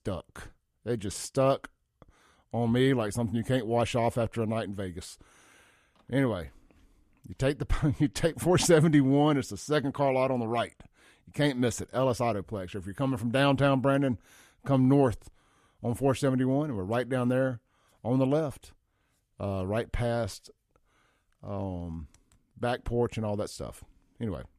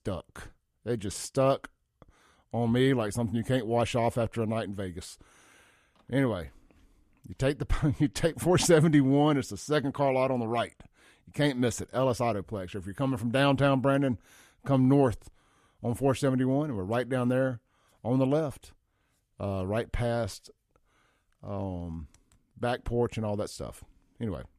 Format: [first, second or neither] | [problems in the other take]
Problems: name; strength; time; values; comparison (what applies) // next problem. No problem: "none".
neither | none